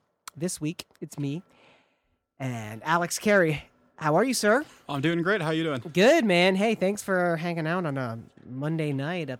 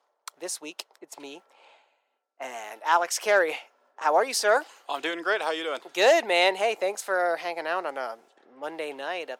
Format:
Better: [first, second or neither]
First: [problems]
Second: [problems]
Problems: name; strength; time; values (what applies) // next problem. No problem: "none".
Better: first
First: none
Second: thin; very; fading below 400 Hz